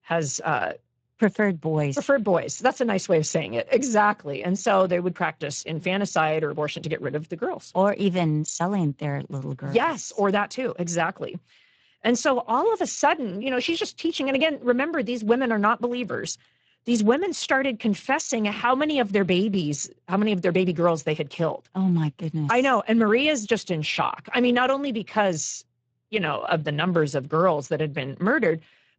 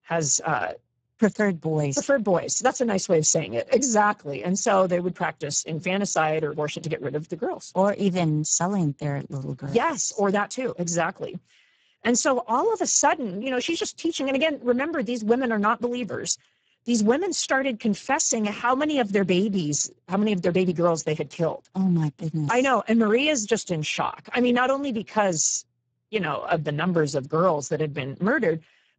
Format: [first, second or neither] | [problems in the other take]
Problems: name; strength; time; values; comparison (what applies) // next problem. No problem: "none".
first | garbled, watery; badly; nothing above 7.5 kHz; slightly in the first